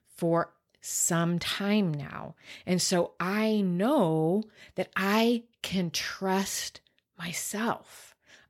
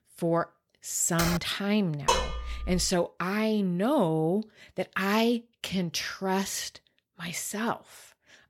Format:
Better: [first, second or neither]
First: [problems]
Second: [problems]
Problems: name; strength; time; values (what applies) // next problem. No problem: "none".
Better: first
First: none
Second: keyboard typing; noticeable; at 1 s; peak 3 dB below the speech // clattering dishes; loud; at 2 s; peak 2 dB above the speech